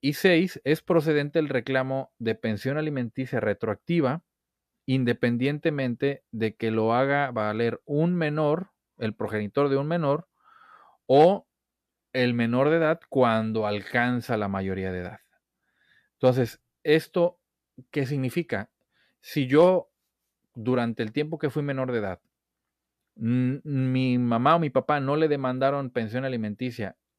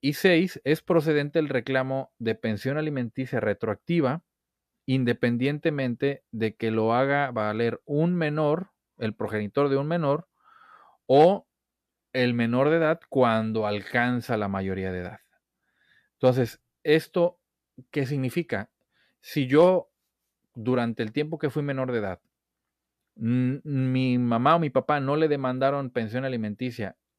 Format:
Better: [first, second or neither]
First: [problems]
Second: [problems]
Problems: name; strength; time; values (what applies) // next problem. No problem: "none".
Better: neither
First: none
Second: none